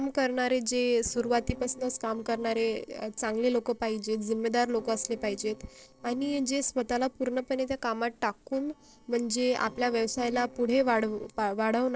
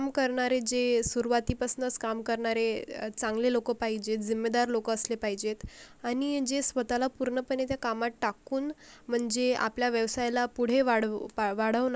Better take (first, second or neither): second